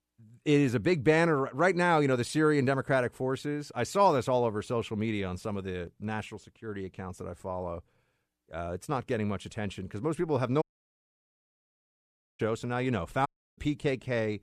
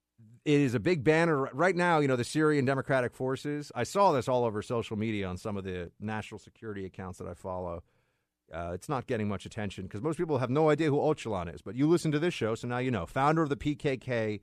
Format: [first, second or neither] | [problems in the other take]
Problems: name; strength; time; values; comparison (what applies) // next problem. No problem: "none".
second | audio cutting out; at 11 s for 2 s and at 13 s